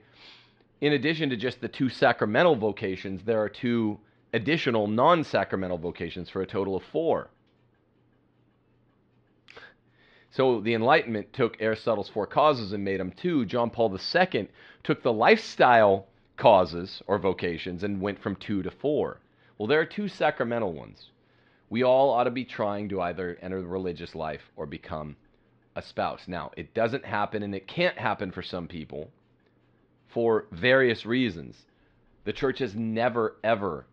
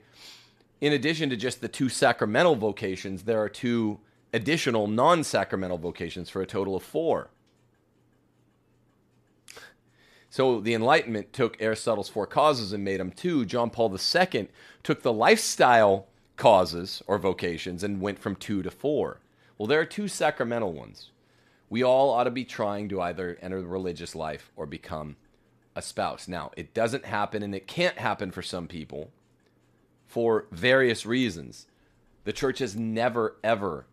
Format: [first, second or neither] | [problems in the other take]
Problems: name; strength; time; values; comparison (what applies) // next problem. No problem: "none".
second | muffled; very slightly; fading above 4 kHz